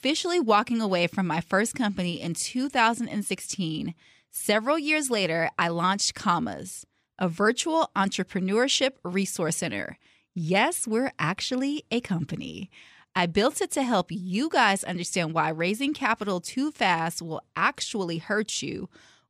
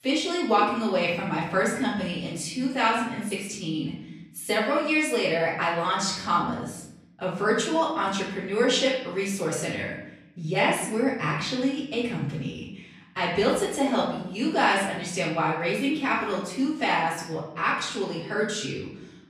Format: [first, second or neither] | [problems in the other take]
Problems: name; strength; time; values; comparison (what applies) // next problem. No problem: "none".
first | off-mic speech; far // room echo; noticeable; dies away in 0.8 s